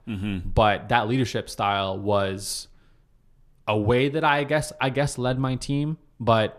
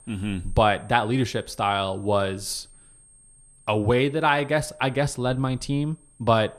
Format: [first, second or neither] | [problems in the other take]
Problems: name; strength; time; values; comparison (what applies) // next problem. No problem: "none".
first | high-pitched whine; faint; throughout; 8.5 kHz, 30 dB below the speech